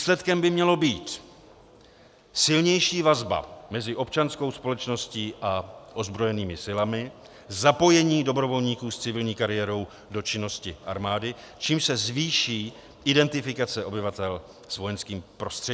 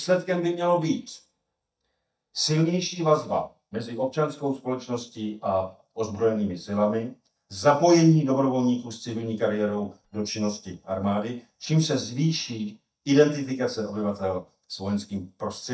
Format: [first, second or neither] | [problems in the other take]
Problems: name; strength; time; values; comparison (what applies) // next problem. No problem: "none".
first | noise reduction (neural mask model DeepFilterNet 3)